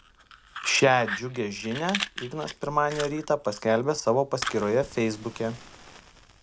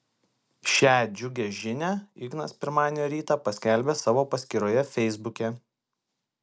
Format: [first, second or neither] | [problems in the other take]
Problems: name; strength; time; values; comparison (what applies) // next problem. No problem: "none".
second | background sound (Fire); 12 dB below the speech